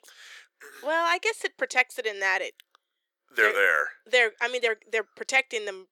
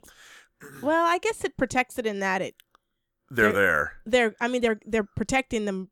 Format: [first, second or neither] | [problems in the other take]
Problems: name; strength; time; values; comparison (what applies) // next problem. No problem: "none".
second | thin; very; fading below 400 Hz